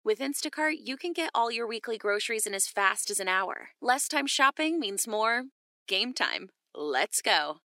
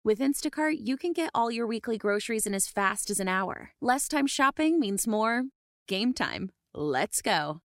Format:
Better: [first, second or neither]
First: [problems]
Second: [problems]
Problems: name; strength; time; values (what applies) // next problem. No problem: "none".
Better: second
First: thin; somewhat; fading below 350 Hz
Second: none